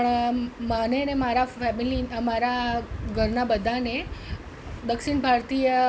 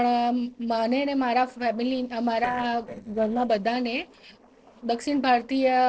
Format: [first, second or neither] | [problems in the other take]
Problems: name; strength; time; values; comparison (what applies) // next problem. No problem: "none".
first | noise reduction (neural separator model SepFormer DNS4)